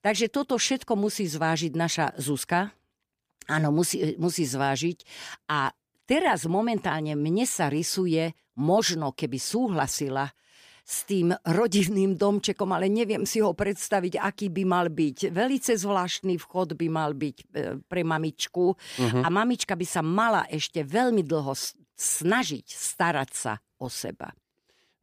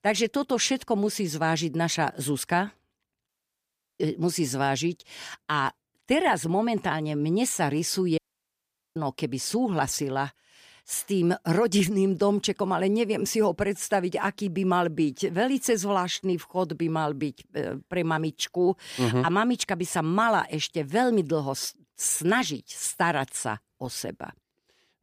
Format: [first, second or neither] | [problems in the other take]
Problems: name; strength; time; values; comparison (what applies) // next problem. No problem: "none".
first | audio cutting out; at 3.5 s for 0.5 s and at 8 s for 1 s